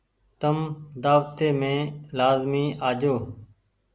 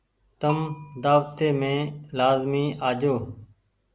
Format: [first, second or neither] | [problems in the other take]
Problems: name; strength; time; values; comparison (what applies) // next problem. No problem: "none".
first | background sound (Bell); 20 dB below the speech